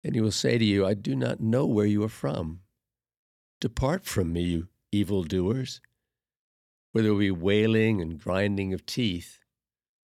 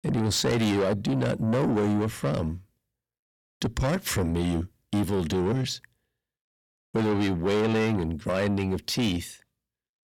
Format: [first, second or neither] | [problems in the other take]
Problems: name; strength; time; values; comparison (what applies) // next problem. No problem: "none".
first | distortion; heavy; 7 dB below the speech